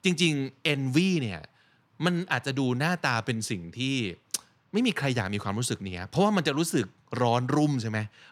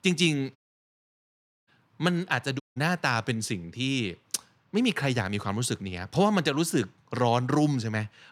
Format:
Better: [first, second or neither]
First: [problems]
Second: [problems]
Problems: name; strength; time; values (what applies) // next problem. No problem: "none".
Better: first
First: none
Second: audio cutting out; at 0.5 s for 1 s and at 2.5 s